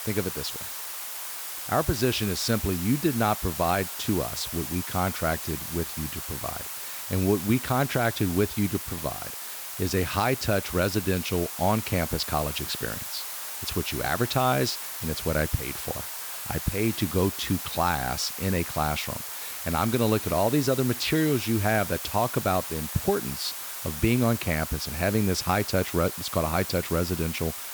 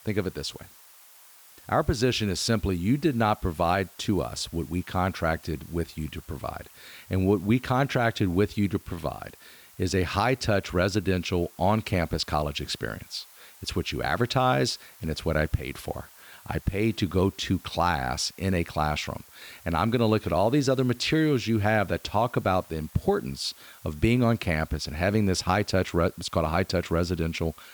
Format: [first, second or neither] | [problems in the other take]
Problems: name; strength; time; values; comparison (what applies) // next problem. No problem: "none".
second | hiss; loud; throughout; 6 dB below the speech; faint in the second